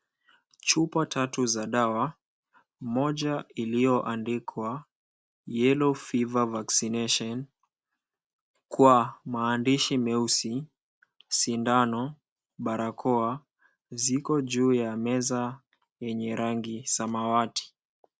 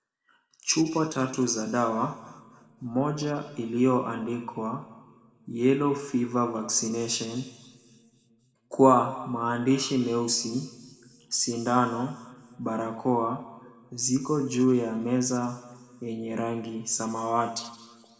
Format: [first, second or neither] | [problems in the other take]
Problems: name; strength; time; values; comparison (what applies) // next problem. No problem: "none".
first | room echo; dies away in 1.4 s